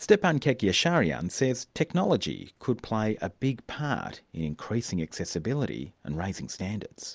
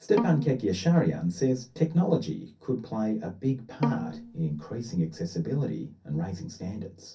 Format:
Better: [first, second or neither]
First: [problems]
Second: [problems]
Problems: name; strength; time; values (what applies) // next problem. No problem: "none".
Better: first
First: none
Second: background sound (Bowed string instrument); 8 dB below the speech // room echo; dies away in 0.3 s